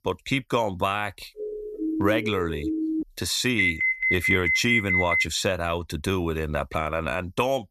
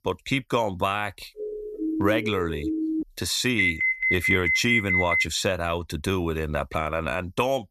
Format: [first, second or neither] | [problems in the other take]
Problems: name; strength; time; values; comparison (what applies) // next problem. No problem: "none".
neither | siren; noticeable; from 1.5 to 3 s; peak 1 dB below the speech; the same in both // alarm; loud; from 3.5 to 5.5 s; peak 5 dB above the speech; the same in both